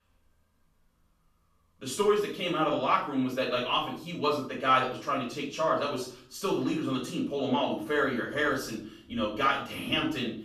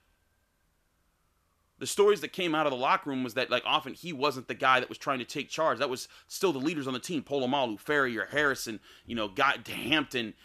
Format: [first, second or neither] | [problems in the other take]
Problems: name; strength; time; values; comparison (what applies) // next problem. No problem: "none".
second | off-mic speech; far // room echo; noticeable; dies away in 0.5 s